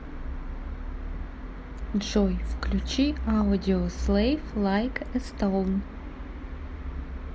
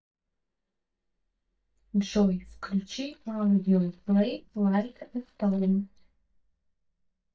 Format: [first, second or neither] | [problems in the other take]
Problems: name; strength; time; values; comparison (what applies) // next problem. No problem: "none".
first | noise reduction (neural mask model DeepFilterNet 3)